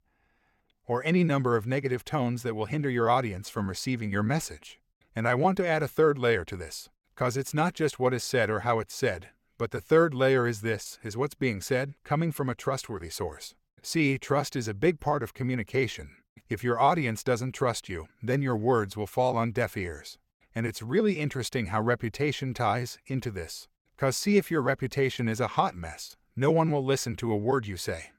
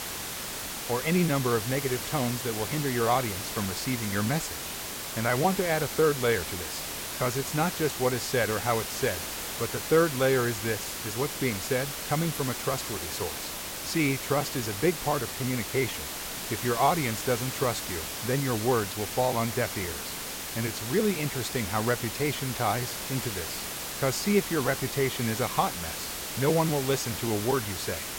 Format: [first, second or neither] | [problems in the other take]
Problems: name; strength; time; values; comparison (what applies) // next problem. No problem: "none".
first | hiss; loud; throughout; 4 dB below the speech